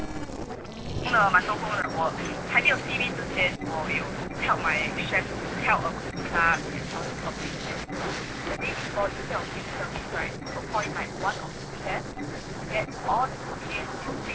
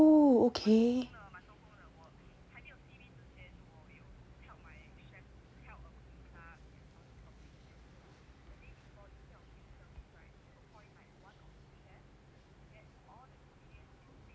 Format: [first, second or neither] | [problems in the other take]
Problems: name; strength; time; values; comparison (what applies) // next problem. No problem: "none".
second | noise reduction (neural separator model SepFormer DNS4)